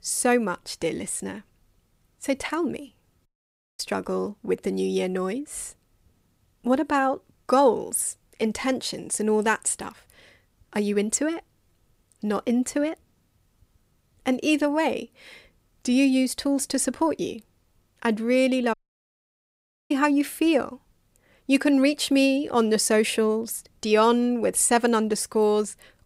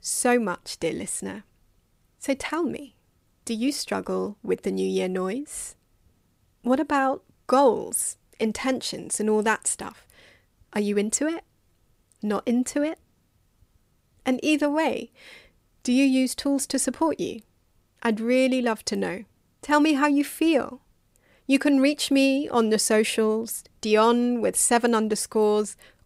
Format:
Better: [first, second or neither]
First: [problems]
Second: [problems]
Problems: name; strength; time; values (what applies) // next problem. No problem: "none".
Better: second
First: audio cutting out; at 3.5 s for 0.5 s and at 19 s for 1 s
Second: none